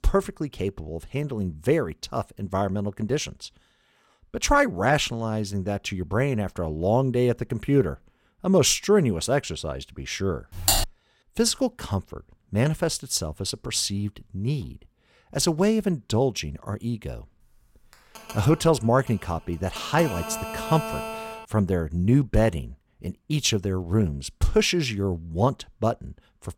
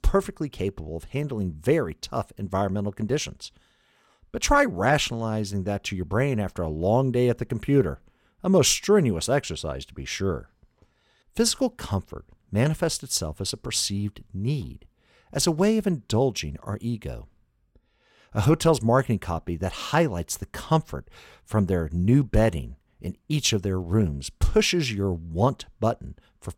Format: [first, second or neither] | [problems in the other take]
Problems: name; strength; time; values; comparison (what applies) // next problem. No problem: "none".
second | keyboard typing; loud; at 11 s; peak 3 dB above the speech // phone ringing; noticeable; from 18 to 21 s; peak 6 dB below the speech